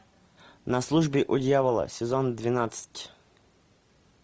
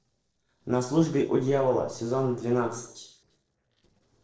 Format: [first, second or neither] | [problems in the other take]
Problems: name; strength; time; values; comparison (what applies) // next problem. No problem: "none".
first | noise reduction (neural separator model SepFormer DNS4)